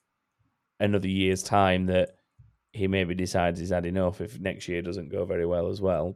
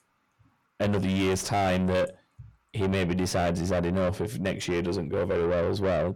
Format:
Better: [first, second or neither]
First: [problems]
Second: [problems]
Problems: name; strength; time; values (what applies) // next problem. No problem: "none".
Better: first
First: none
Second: distortion; heavy; 6 dB below the speech